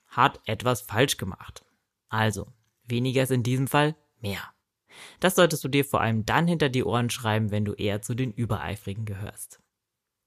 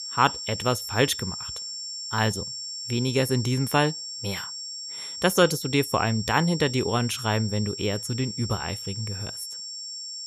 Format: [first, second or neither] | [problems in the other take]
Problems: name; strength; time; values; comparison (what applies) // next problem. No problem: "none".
first | high-pitched whine; loud; throughout; 5.5 kHz, 7 dB below the speech